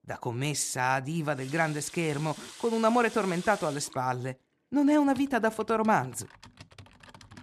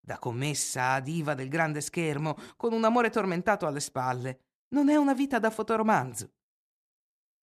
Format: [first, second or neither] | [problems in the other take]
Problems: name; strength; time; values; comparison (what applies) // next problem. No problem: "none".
second | household noises; noticeable; throughout; 20 dB below the speech